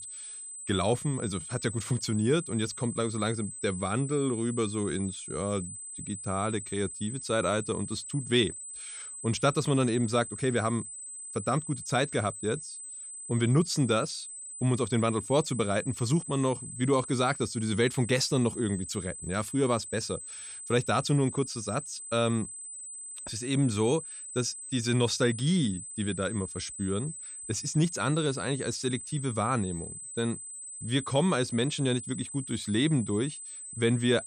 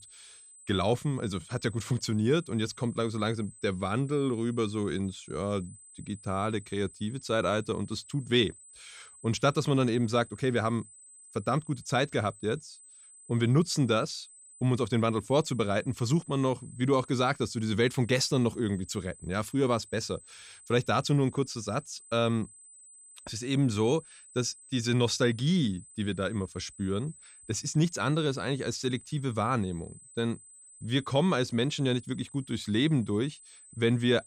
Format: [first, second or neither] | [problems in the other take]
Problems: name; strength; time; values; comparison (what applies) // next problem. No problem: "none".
second | high-pitched whine; loud; throughout; 8 kHz, 9 dB below the speech; faint in the second